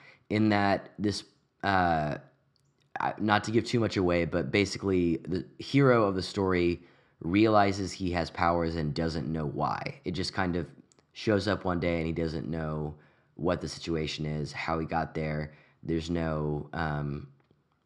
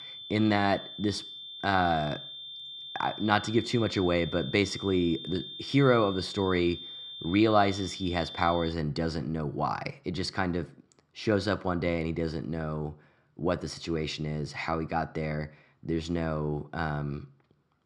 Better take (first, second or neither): first